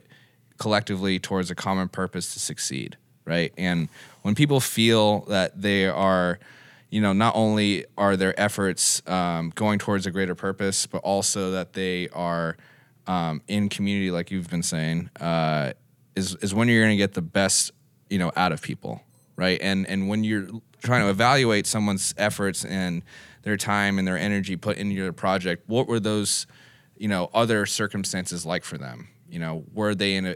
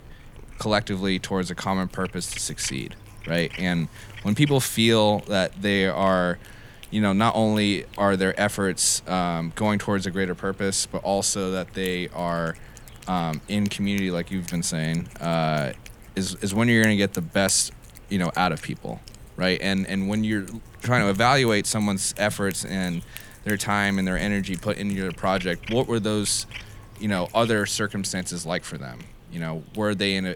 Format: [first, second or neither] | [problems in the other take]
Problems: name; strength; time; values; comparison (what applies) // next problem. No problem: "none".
first | animal sounds; noticeable; throughout; 20 dB below the speech